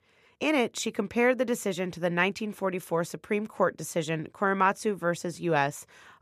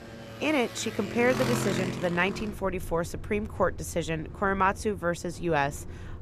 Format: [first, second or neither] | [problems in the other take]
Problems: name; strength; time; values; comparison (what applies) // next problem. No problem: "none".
first | traffic noise; loud; throughout; 8 dB below the speech